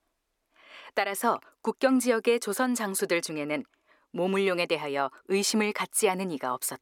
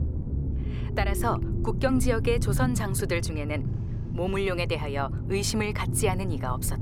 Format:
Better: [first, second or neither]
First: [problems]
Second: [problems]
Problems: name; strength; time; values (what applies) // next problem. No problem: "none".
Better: first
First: none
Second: low rumble; noticeable; throughout; 10 dB below the speech